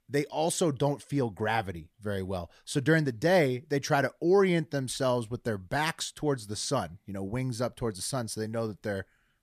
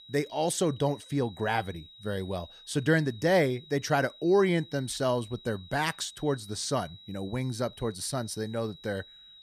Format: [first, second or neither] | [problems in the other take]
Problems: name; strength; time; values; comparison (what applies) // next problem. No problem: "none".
first | high-pitched whine; noticeable; throughout; 4 kHz, 20 dB below the speech